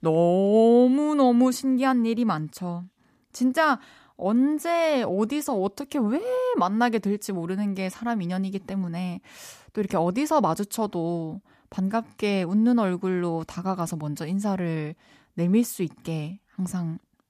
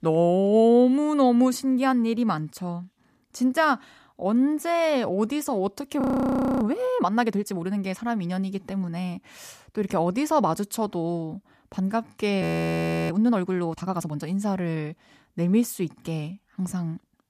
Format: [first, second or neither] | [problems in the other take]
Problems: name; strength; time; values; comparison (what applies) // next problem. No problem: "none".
first | audio freezing; at 6 s for 0.5 s and at 12 s for 0.5 s